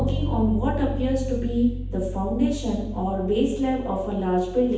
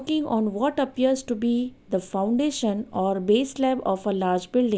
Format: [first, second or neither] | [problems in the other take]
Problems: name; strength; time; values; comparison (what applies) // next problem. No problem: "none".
second | background sound (Bass guitar); 5 dB below the speech // room echo; dies away in 0.9 s